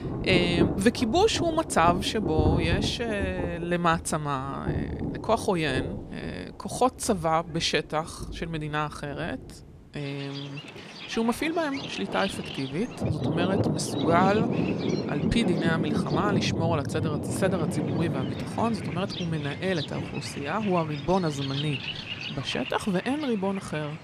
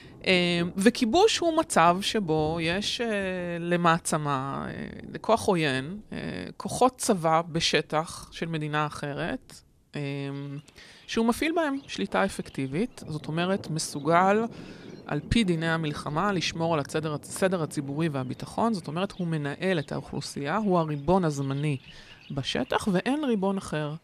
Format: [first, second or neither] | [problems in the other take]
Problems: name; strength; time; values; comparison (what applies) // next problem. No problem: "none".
second | rain or running water; loud; throughout; 3 dB below the speech; faint in the second